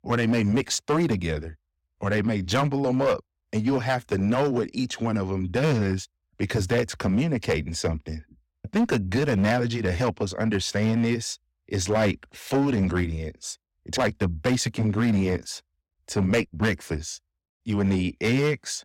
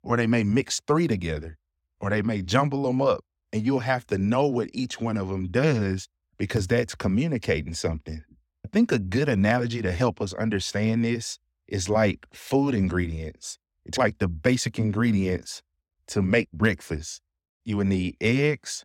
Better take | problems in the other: second | distortion; slight; 8% of the sound clipped

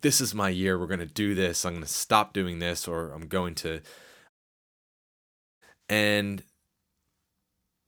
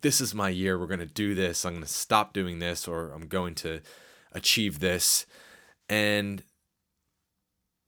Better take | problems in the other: second | audio cutting out; at 4.5 s for 1.5 s

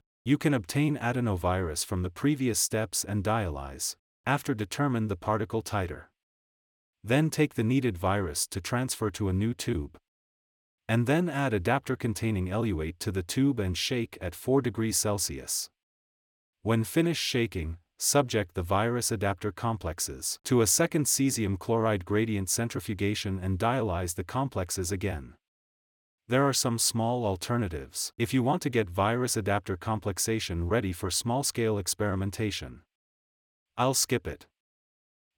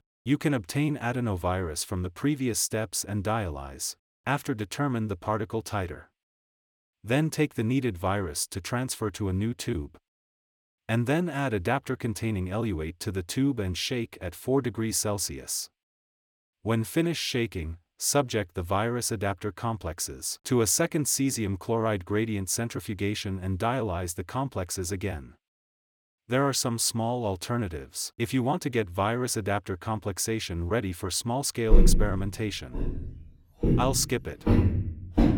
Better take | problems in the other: first | footsteps; loud; from 32 s on; peak 5 dB above the speech

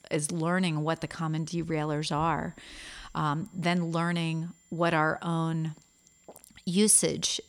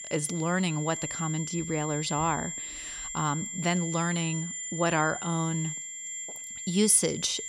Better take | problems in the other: first | high-pitched whine; loud; throughout; 7.5 kHz, 6 dB below the speech; faint in the first

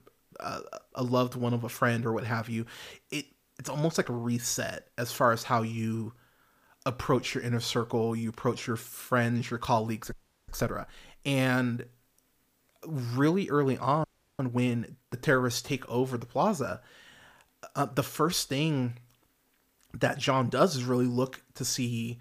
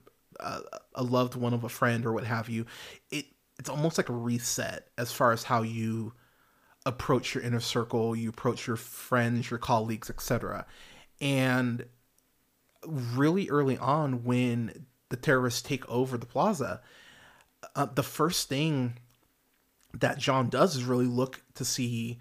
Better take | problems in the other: second | audio freezing; at 10 s and at 14 s

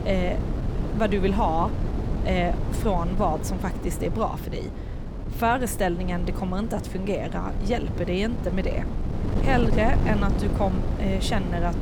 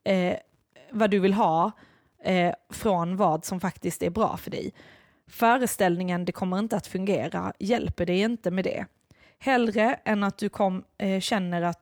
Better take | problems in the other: second | wind noise on the microphone; heavy; 9 dB below the speech

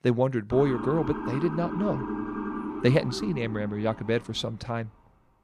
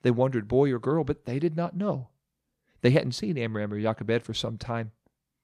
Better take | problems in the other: second | siren; noticeable; from 0.5 to 4.5 s; peak 4 dB below the speech

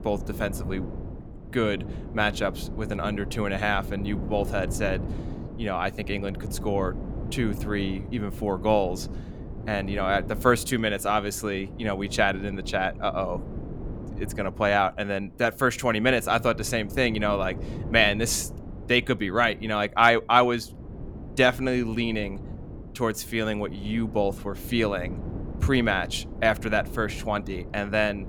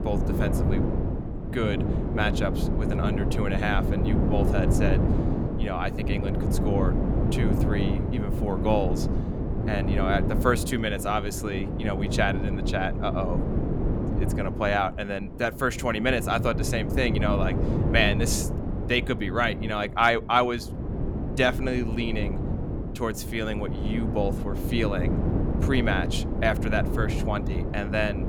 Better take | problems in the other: first | wind noise on the microphone; heavy; 7 dB below the speech; occasional gusts in the first

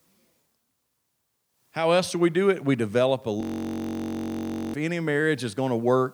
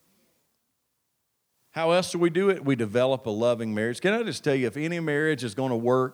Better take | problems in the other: second | audio freezing; at 3.5 s for 1.5 s

